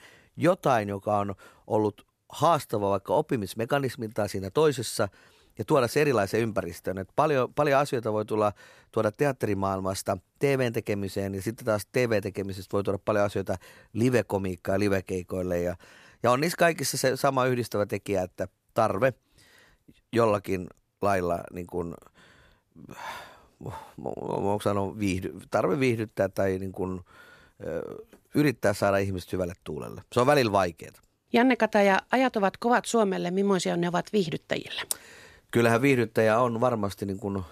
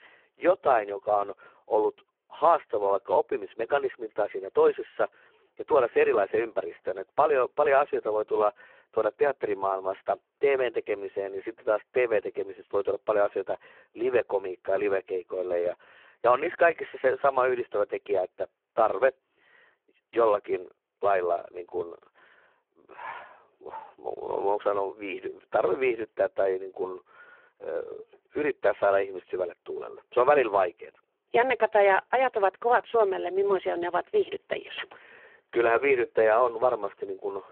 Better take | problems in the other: first | phone-call audio; poor line

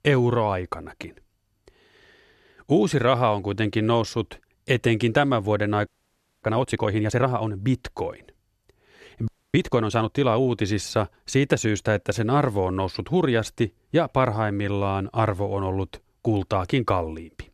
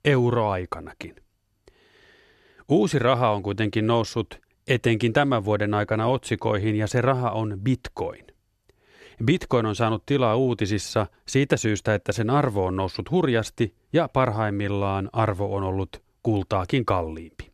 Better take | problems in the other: second | audio freezing; at 6 s for 0.5 s and at 9.5 s

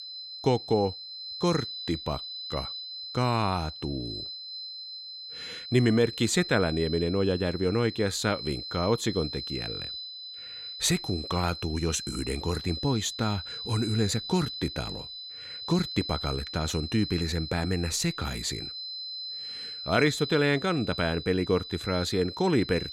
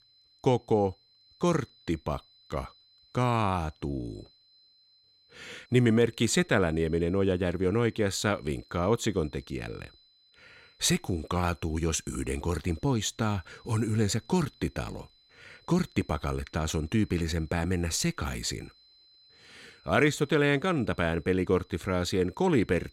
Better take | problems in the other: second | high-pitched whine; loud; throughout; 4 kHz, 8 dB below the speech; faint in the second

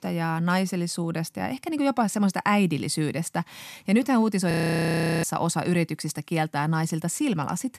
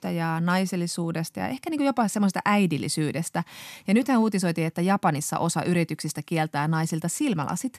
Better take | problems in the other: second | audio freezing; at 4.5 s for 0.5 s

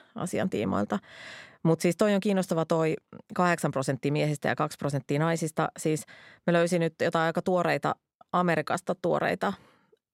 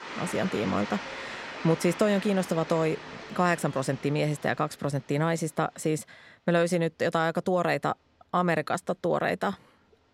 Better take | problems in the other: first | crowd noise; noticeable; throughout; 10 dB below the speech

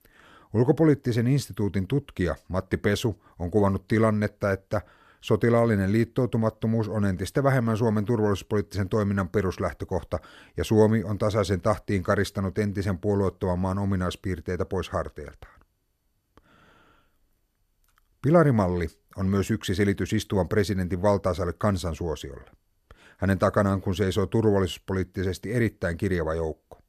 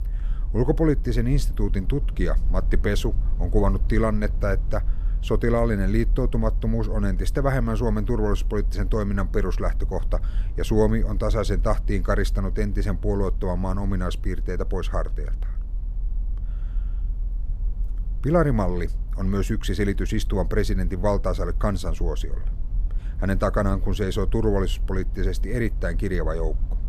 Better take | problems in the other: first | low rumble; faint; throughout; 20 dB below the speech

